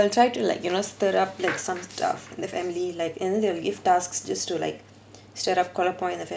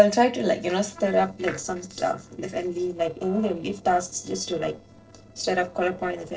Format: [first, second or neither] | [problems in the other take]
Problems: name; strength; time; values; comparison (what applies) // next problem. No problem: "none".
first | noise reduction (neural separator model SepFormer DNS4)